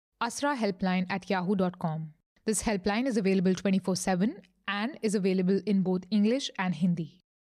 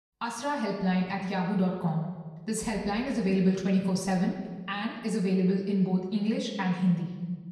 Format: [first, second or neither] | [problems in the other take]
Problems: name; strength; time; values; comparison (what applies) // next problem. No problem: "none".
first | off-mic speech; far // room echo; noticeable; dies away in 1.3 s